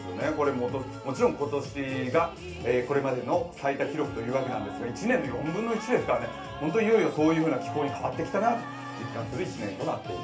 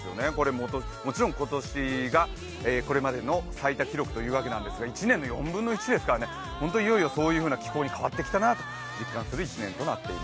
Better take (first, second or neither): second